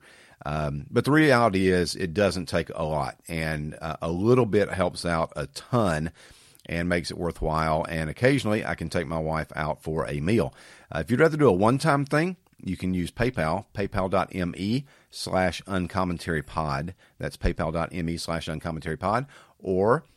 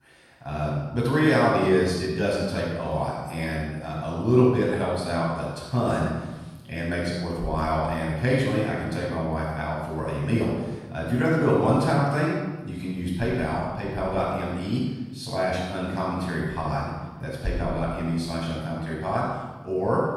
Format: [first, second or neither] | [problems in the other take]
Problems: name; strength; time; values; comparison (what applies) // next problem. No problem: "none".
first | room echo; strong; dies away in 1.1 s // off-mic speech; far